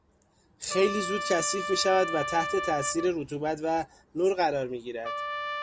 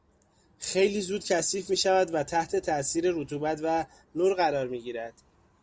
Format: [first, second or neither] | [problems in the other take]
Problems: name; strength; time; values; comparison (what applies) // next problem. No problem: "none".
second | background sound (Trumpet); 7 dB below the speech